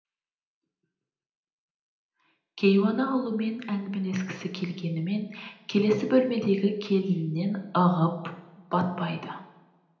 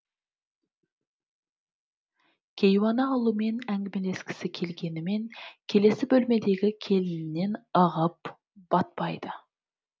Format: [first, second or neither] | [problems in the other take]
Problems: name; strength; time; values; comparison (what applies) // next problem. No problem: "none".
second | room echo; dies away in 0.8 s